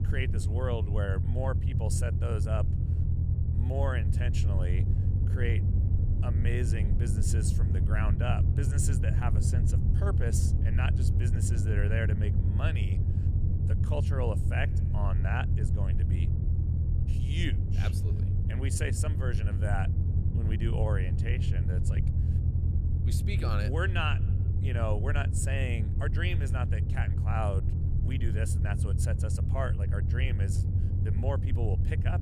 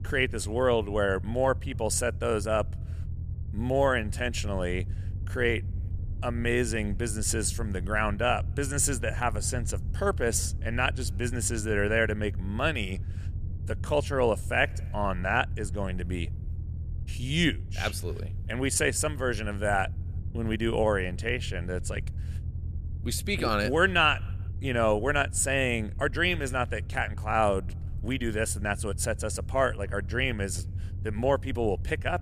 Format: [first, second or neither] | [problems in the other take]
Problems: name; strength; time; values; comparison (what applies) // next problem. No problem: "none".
second | low rumble; loud; throughout; 5 dB below the speech; faint in the second